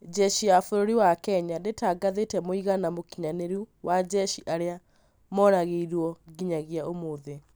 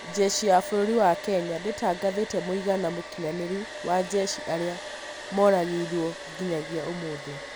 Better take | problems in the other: first | background sound (Domestic sounds, home sounds); 11 dB below the speech

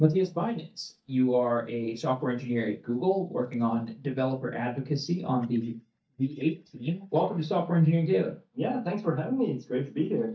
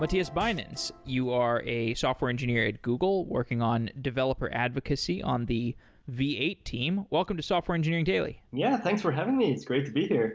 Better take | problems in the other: second | noise reduction (neural mask model DeepFilterNet 3)

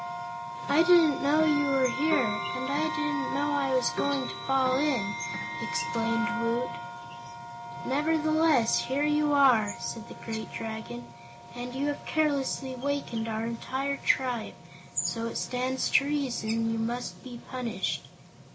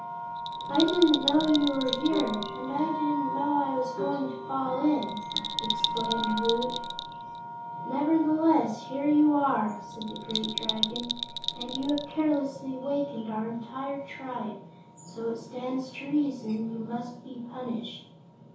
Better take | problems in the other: first | background sound (Bell); 6 dB below the speech // room echo; dies away in 0.6 s

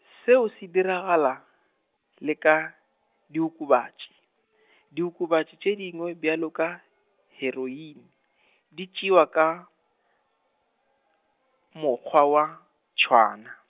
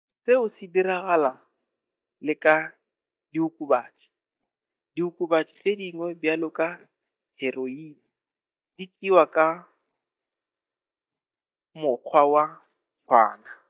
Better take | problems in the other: first | noise reduction (neural mask model DeepFilterNet 3)

